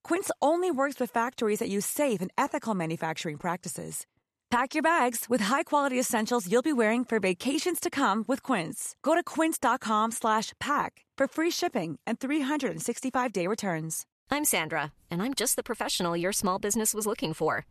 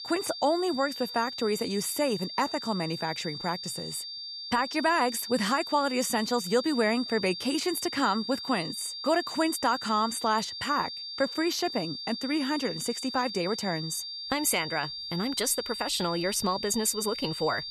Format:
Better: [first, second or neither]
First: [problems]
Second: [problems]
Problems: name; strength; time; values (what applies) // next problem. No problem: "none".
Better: first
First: none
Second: high-pitched whine; loud; throughout; 4.5 kHz, 7 dB below the speech